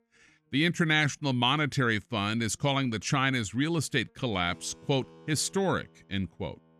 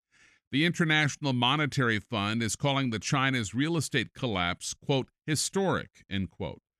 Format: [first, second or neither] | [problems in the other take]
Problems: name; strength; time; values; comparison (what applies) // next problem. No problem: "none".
second | background music; faint; throughout; 30 dB below the speech